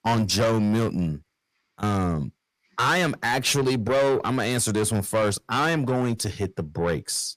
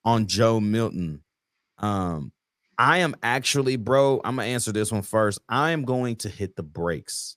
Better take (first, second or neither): second